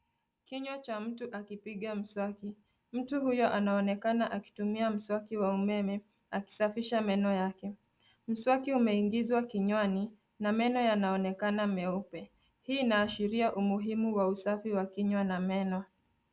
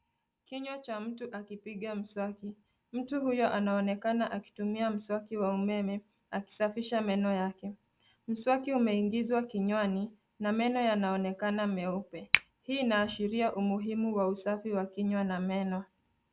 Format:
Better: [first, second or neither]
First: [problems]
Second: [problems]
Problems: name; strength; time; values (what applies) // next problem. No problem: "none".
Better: first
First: none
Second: background sound (Finger snapping); 5 dB below the speech